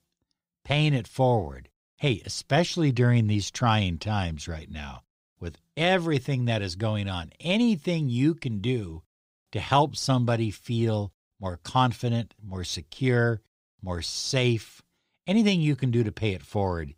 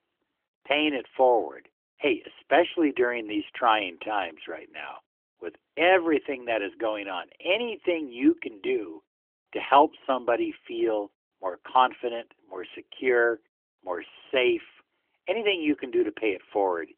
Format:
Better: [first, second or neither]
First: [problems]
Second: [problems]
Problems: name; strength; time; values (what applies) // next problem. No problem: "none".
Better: first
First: none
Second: phone-call audio; nothing above 3 kHz